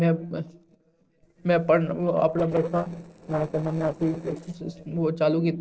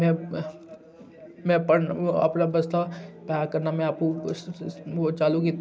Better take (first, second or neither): second